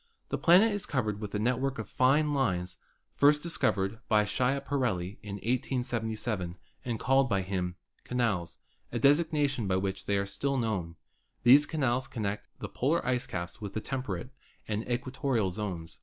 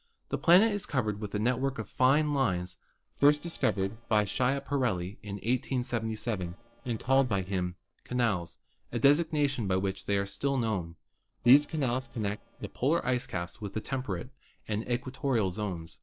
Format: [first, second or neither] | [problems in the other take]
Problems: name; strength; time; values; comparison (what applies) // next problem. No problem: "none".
first | noise reduction (neural separator model SepFormer DNS4)